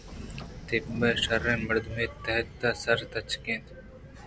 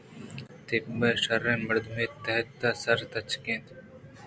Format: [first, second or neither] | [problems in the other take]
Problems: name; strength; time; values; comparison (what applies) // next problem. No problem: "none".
second | background sound (Sliding door / Train); 13 dB below the speech